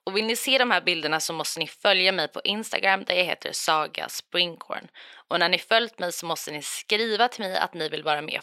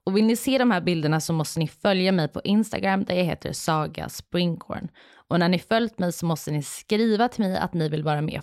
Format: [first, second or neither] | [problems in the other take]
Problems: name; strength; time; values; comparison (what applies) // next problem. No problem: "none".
second | thin; very; fading below 500 Hz